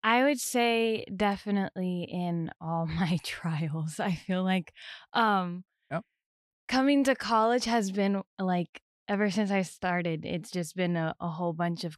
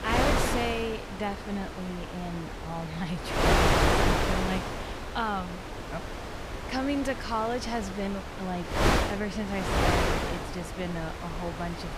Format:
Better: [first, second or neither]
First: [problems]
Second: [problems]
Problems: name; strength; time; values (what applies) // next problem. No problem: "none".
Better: first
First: none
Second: wind noise on the microphone; heavy; 4 dB above the speech